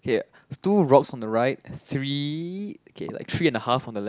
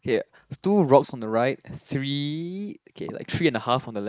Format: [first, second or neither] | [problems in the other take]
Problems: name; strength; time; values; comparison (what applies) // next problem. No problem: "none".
first | noise reduction (neural mask model Resemble Enhance denoiser)